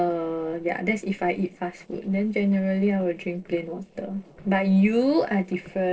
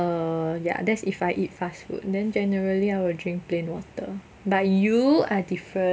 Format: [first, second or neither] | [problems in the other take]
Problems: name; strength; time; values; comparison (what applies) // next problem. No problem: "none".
second | noise reduction (neural separator model SepFormer DNS4)